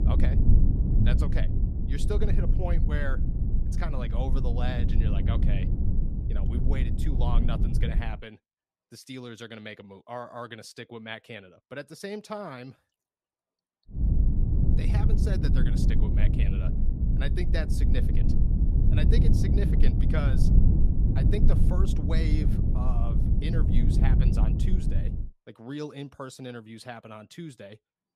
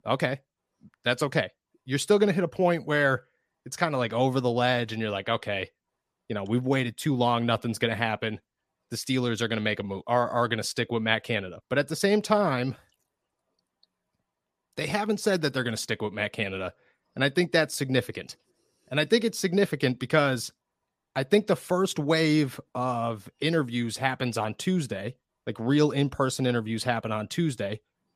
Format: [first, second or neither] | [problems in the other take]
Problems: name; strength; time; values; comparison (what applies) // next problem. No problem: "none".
second | low rumble; loud; until 8 s and from 14 to 25 s; 1 dB below the speech